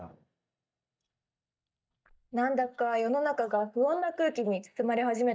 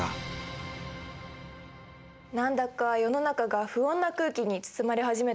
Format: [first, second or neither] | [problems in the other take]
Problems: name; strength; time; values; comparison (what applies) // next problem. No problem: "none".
second | noise reduction (neural mask model DeepFilterNet 3)